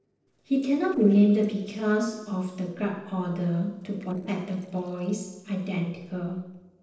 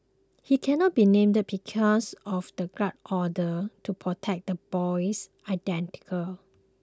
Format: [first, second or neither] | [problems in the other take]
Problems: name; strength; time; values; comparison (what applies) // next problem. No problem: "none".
second | noise reduction (neural separator model SepFormer DNS4)